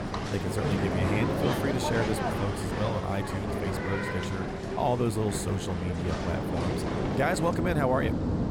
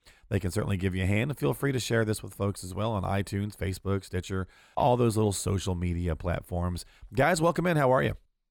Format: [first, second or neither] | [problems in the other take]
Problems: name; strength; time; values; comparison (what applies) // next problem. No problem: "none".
second | train or aircraft noise; very loud; throughout; as loud as the speech